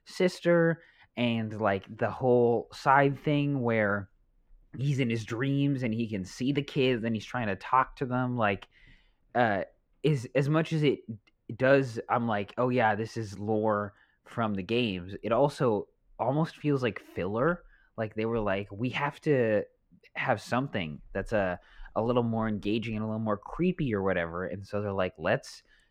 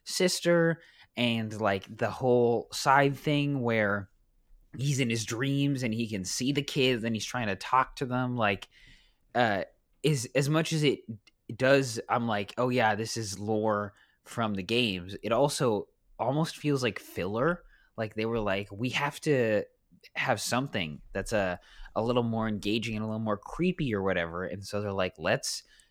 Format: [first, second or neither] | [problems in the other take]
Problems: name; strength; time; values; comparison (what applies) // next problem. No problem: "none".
second | muffled; slightly; fading above 3.5 kHz